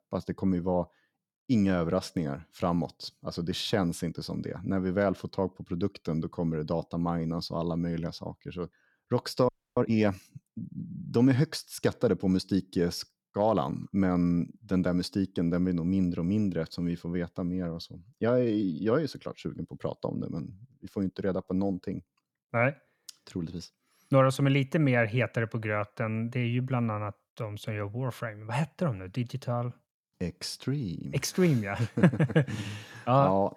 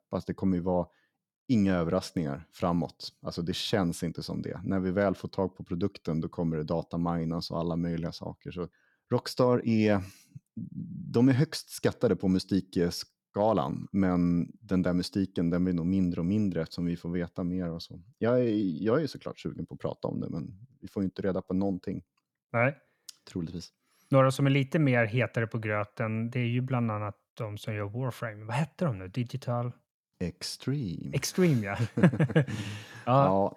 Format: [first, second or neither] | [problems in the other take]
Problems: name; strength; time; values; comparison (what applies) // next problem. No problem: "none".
second | audio freezing; at 9.5 s